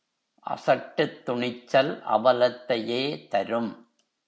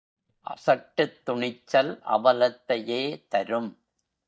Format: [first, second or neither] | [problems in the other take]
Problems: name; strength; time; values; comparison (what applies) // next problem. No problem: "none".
first | noise reduction (neural mask model DeepFilterNet 3)